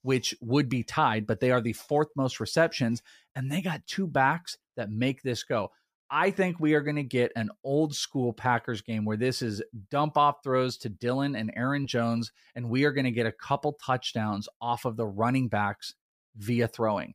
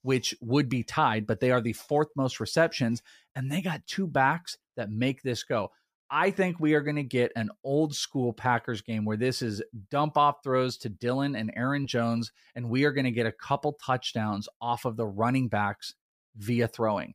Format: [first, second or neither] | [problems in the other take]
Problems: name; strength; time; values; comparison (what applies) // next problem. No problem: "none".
neither | none